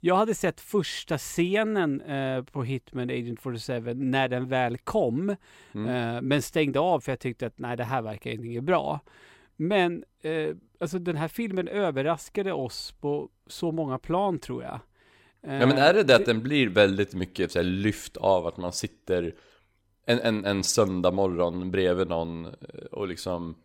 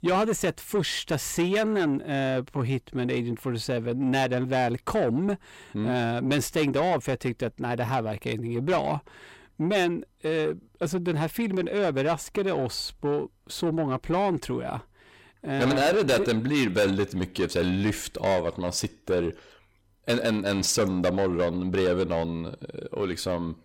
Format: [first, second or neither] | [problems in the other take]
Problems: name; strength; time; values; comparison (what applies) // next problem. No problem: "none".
first | distortion; heavy; 8 dB below the speech